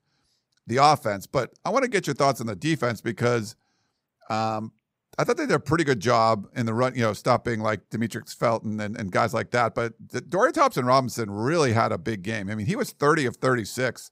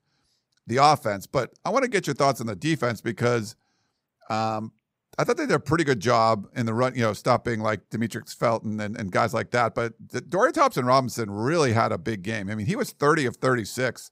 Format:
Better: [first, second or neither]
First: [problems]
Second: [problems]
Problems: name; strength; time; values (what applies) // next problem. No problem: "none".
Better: neither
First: none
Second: none